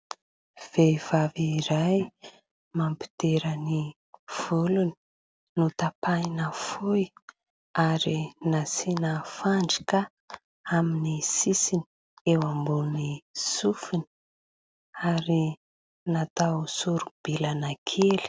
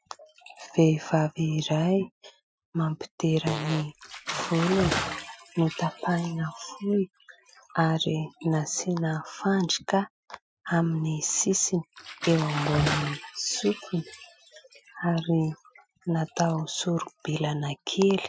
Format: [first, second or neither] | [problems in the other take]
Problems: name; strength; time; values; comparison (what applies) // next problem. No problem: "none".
first | noise reduction (classical method Wiener filter)